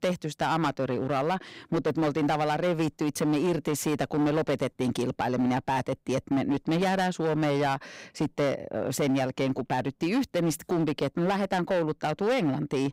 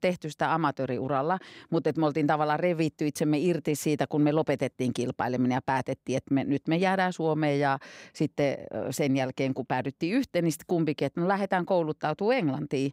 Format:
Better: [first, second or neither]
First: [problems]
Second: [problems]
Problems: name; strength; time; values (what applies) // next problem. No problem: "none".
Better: second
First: distortion; slight; 15% of the sound clipped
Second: none